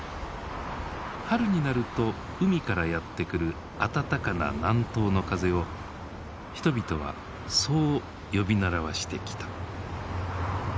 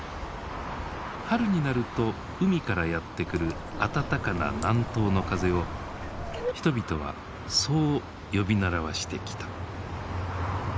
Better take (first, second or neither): first